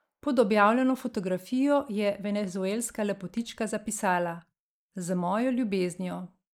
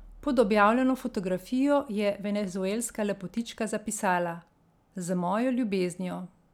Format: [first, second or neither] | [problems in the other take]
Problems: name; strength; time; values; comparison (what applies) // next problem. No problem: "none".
second | noise reduction (neural mask model Resemble Enhance denoiser)